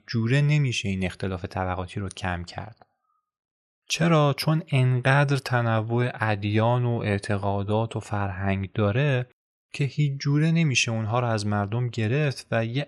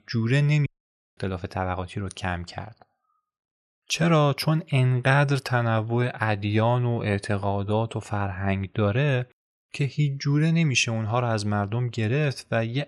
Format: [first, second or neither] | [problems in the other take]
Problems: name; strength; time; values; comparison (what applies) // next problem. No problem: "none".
first | audio cutting out; at 0.5 s for 0.5 s